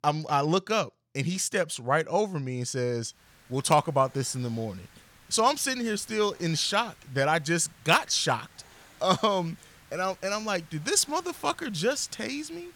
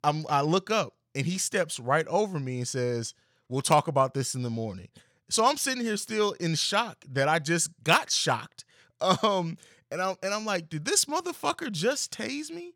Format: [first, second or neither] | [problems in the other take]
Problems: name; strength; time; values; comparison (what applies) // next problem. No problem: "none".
second | hiss; faint; from 3 s on; 25 dB below the speech